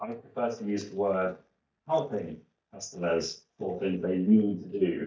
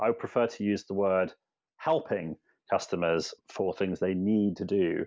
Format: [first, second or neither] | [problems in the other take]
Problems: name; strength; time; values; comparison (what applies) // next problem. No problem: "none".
second | noise reduction (neural mask model DeepFilterNet 3)